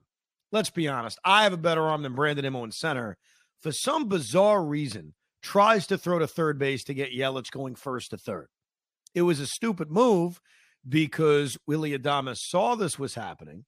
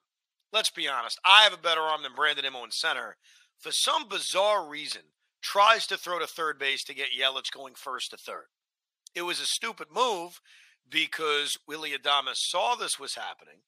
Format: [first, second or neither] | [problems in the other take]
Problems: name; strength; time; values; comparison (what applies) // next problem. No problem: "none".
first | thin; very; fading below 850 Hz